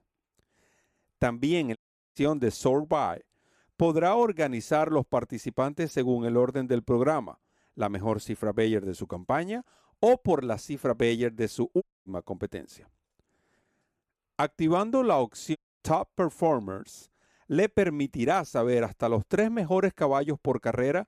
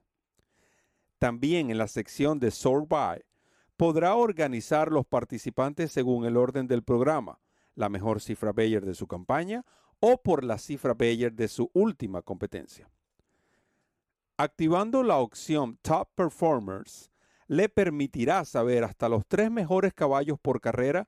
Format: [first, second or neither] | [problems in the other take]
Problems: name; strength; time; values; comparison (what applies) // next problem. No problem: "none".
second | audio cutting out; at 2 s, at 12 s and at 16 s